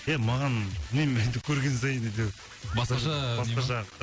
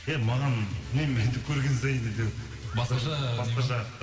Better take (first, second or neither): first